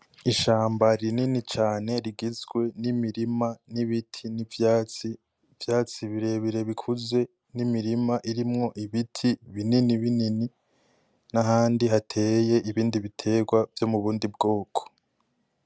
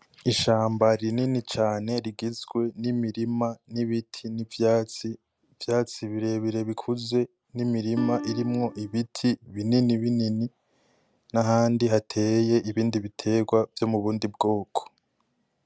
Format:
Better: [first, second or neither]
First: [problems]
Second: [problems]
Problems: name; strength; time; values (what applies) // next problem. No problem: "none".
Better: first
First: none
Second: background sound (Acoustic guitar); 9 dB below the speech